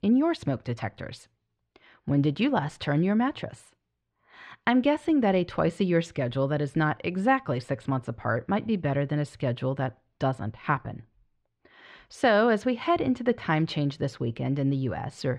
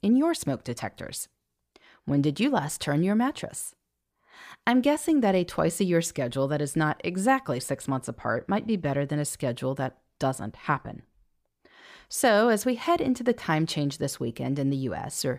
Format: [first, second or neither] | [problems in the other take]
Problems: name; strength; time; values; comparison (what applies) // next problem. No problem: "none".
second | muffled; slightly; fading above 3 kHz